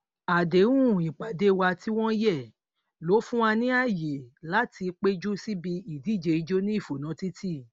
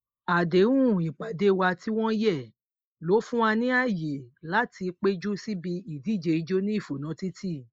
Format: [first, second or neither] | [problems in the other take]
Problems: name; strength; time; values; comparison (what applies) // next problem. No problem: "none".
first | noise reduction (neural mask model Resemble Enhance denoiser)